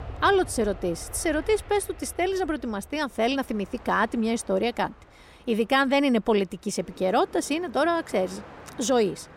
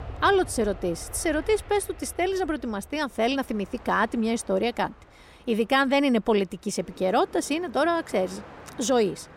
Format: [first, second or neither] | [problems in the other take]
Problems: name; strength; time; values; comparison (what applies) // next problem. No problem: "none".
neither | train or aircraft noise; noticeable; throughout; 20 dB below the speech; the same in both